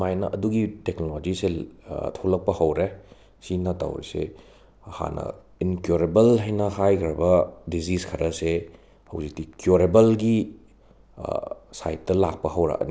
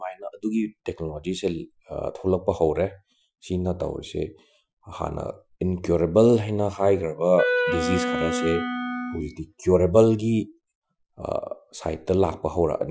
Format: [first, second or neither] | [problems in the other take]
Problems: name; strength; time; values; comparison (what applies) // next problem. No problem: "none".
first | noise reduction (classical method Wiener filter)